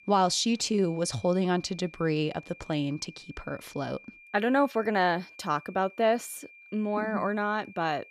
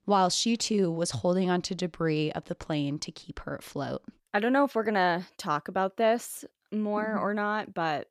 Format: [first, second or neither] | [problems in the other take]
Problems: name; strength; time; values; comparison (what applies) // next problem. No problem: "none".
second | high-pitched whine; faint; throughout; 2.5 kHz, 20 dB below the speech